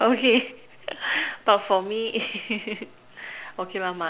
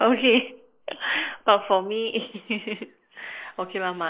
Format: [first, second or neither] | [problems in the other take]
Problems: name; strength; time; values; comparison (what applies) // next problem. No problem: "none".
first | noise reduction (neural mask model Resemble Enhance denoiser)